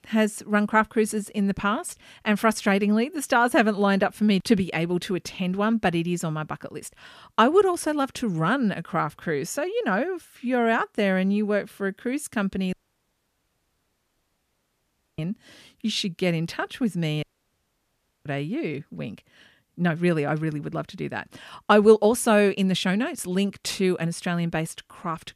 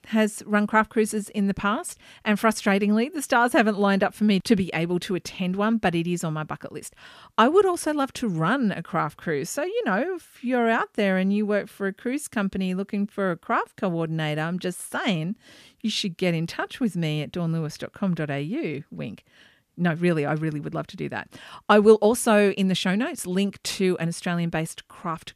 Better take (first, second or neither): second